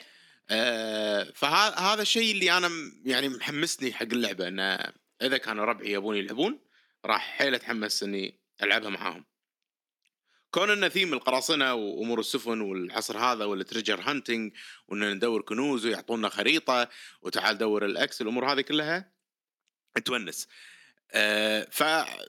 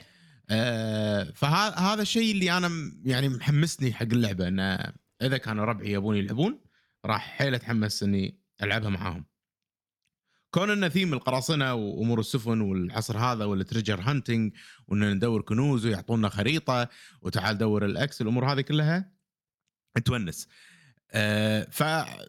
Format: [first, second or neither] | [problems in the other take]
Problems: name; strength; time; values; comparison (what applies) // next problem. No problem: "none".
second | thin; somewhat; fading below 300 Hz